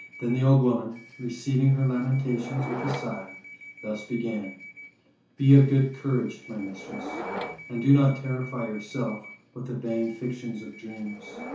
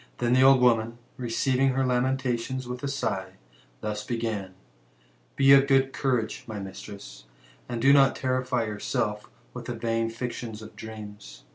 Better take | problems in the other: second | background sound (Subway, metro, underground / Door); 15 dB below the speech // room echo; dies away in 0.9 s

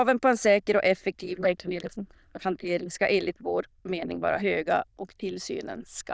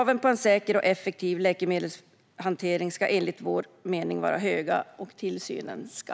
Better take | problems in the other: second | noise reduction (neural diffusion model UNIVERSE++)

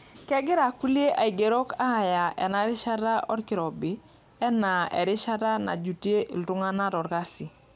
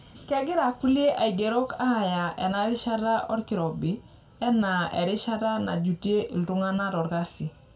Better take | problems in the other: first | room echo; dies away in 0.2 s

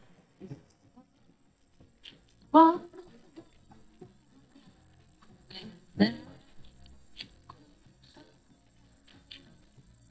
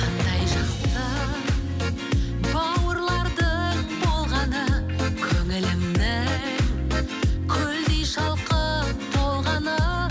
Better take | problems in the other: second | noise reduction (neural mask model DeepFilterNet 3)

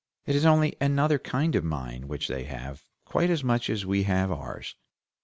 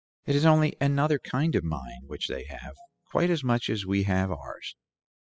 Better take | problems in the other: first | noise reduction (classical method spectral subtraction)

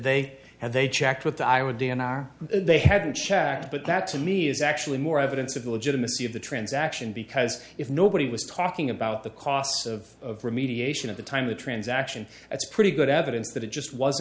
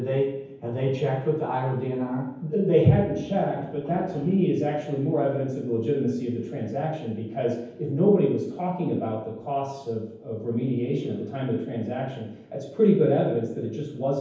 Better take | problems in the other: first | room echo; dies away in 0.9 s

